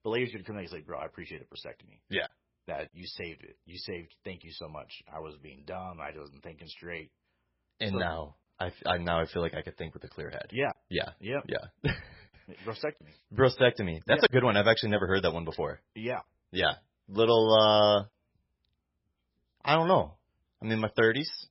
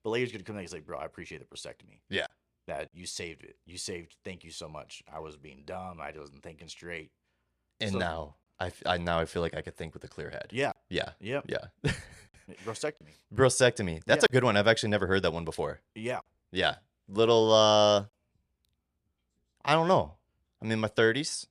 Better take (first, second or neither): second